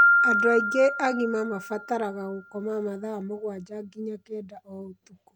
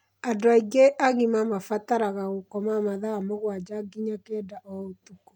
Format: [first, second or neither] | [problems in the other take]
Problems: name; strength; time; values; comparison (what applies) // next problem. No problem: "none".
second | background sound (Piano); 1 dB above the speech